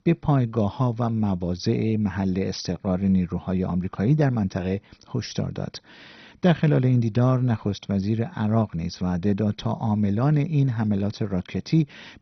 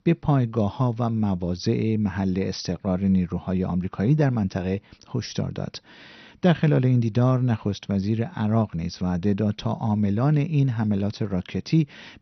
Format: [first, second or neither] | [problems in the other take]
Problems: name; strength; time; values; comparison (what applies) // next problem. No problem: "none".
second | garbled, watery; badly; nothing above 6 kHz; slightly in the second